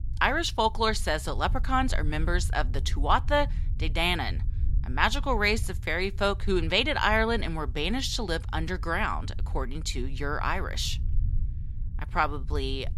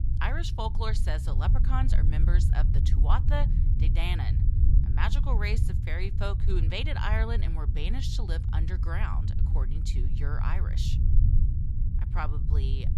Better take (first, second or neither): first